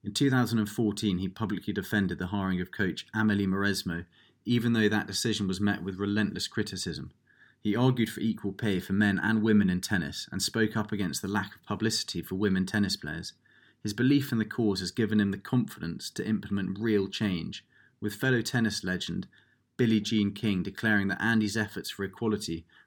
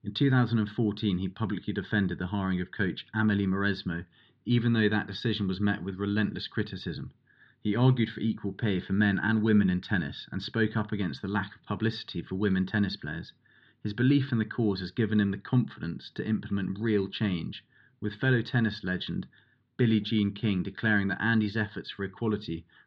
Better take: first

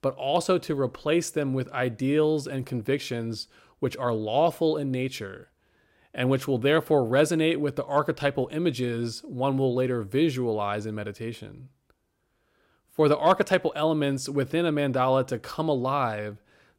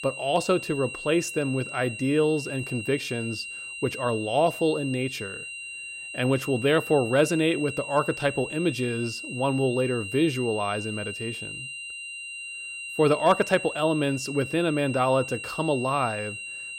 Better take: first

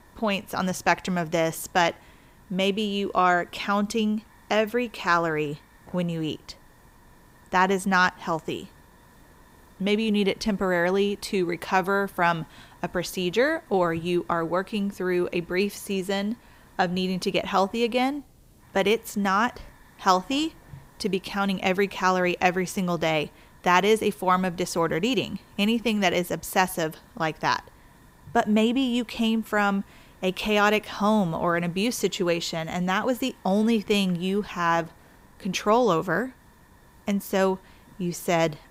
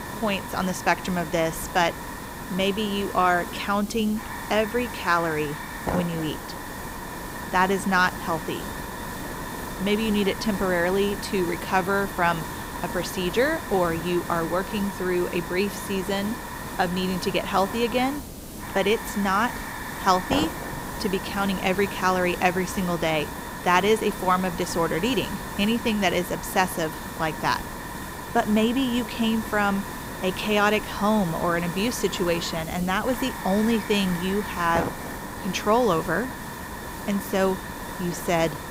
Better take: first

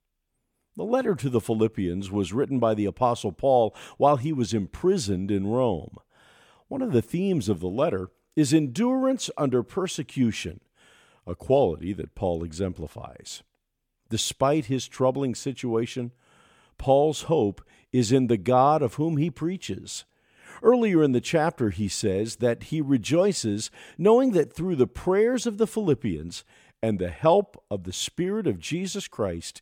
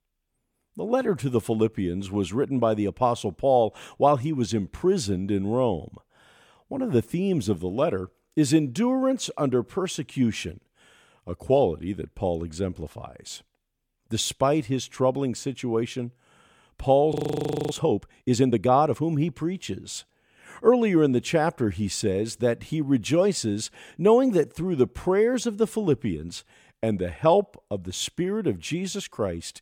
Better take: first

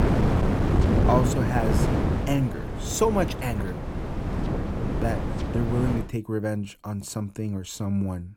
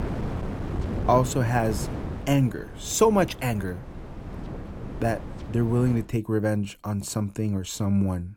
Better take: second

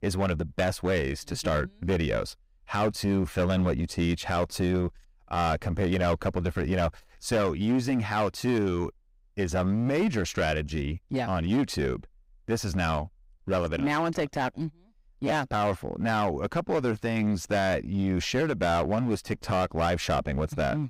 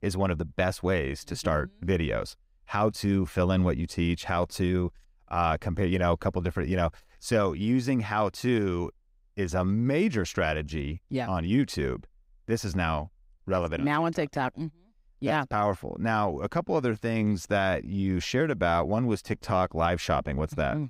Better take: second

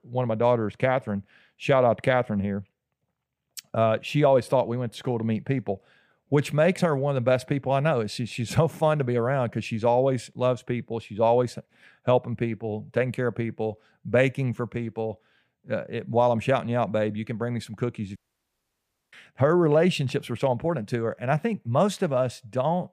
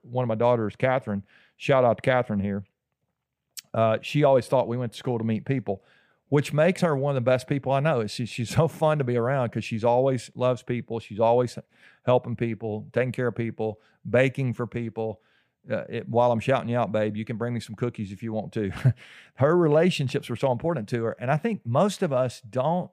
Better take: second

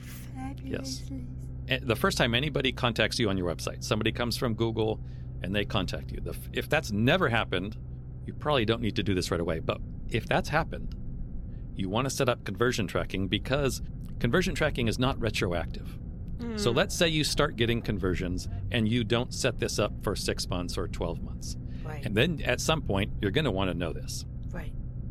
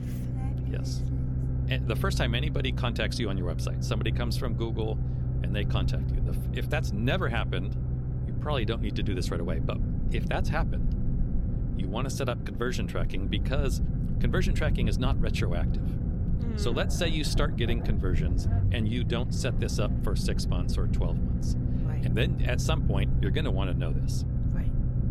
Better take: first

